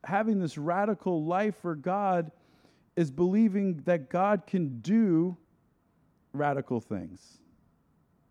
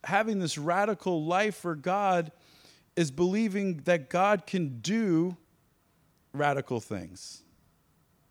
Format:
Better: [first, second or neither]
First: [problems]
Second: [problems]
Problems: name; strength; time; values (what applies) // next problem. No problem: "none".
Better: second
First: muffled; slightly; fading above 2 kHz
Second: none